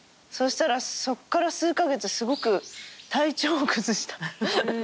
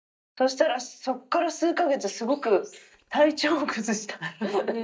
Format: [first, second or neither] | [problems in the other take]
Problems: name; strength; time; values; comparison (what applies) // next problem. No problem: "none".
first | noise reduction (neural mask model DeepFilterNet 3)